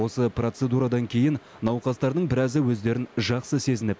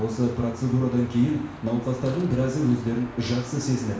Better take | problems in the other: first | background sound (Car passing by / Traffic noise, roadway noise / Engine); 16 dB below the speech // room echo; dies away in 0.7 s

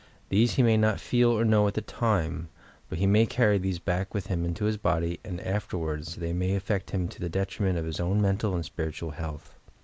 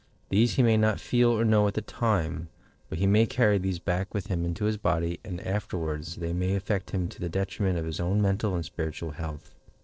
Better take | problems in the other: first | noise reduction (neural separator model SepFormer DNS4)

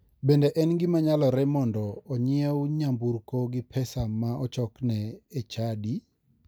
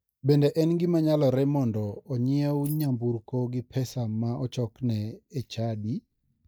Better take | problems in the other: first | noise reduction (neural mask model DeepFilterNet 3)

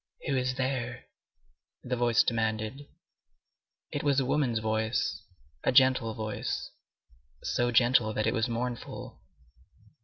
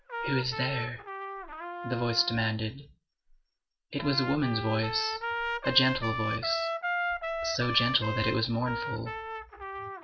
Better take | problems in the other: first | background sound (Trumpet); 4 dB below the speech // room echo; dies away in 0.2 s

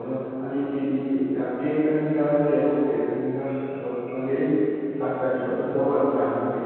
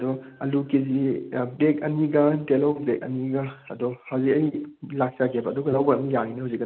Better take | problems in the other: second | room echo; dies away in 2.2 s

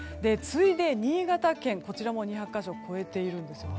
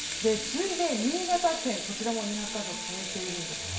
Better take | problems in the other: first | background sound (Sink (filling or washing) / Water tap, faucet); 4 dB below the speech // room echo; dies away in 0.7 s

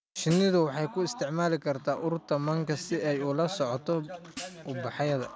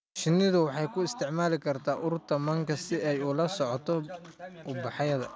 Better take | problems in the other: second | background sound (Hi-hat); 18 dB below the speech

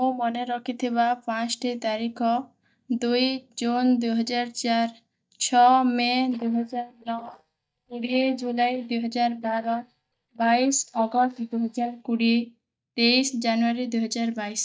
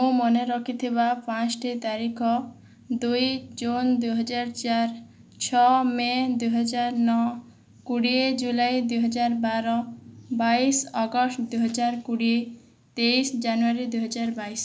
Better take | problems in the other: second | noise reduction (neural mask model DeepFilterNet 3)

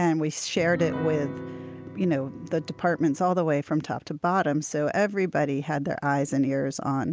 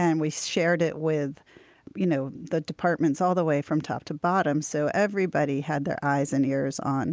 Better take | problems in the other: second | background sound (Piano); 12 dB below the speech

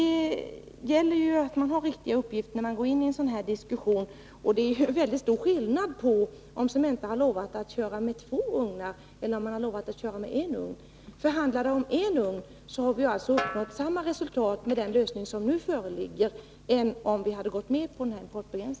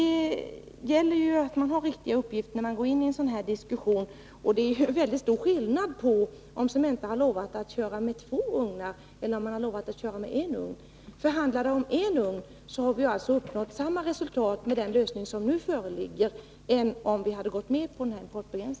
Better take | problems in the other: second | background sound (Snare drum); 11 dB below the speech

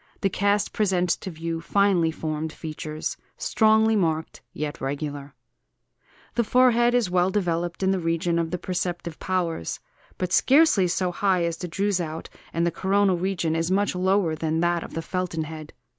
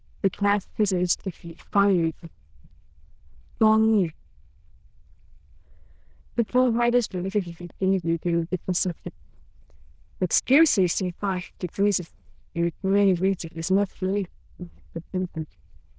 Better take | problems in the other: first | noise reduction (neural diffusion model UNIVERSE++)

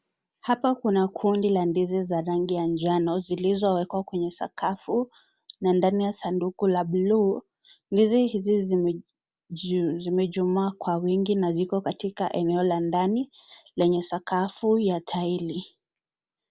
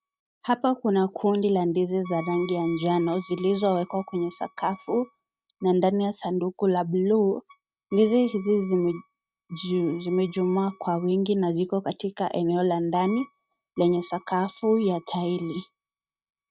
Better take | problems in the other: first | noise reduction (neural mask model RNNoise)

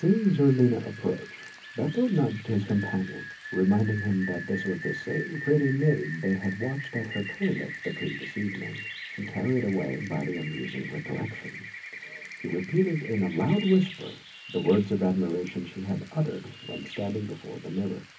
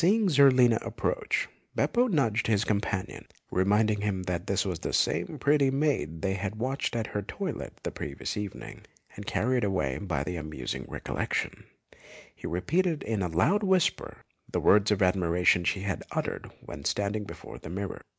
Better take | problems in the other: second | background sound (Rain); 13 dB below the speech // room echo; dies away in 0.3 s

